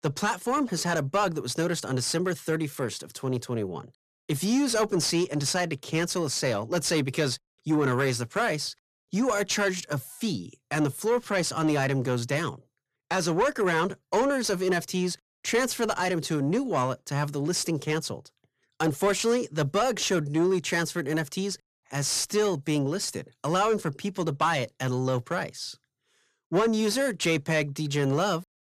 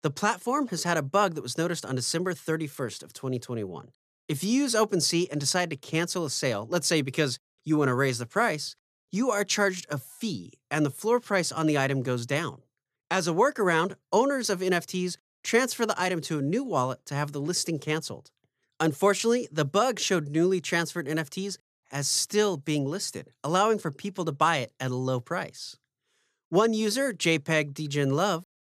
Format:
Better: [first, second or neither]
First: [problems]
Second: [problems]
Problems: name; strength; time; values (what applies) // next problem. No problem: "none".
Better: second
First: distortion; slight; 10 dB below the speech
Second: none